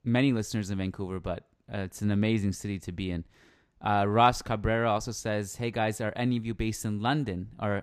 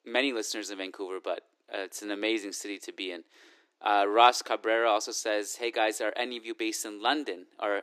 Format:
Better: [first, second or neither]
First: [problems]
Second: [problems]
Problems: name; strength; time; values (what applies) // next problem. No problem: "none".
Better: first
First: none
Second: thin; very; fading below 300 Hz